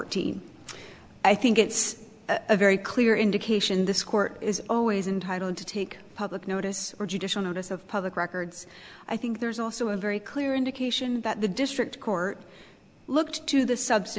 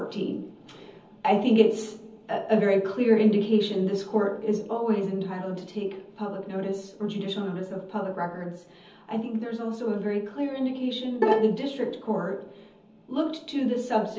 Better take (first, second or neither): first